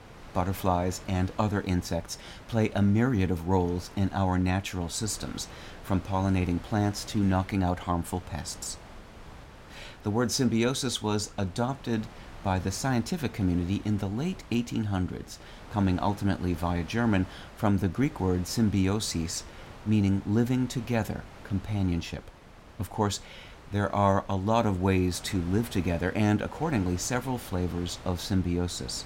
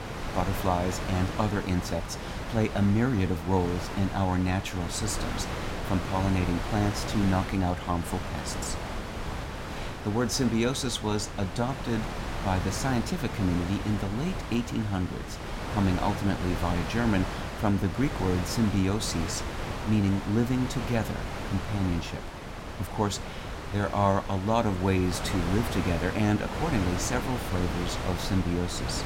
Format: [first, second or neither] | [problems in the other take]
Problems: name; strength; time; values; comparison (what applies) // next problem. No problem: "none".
first | wind noise on the microphone; heavy; 4 dB below the speech; occasional gusts in the first